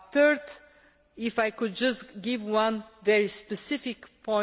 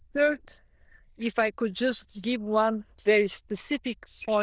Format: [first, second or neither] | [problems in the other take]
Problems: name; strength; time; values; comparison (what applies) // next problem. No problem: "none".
first | noise reduction (neural diffusion model UNIVERSE++)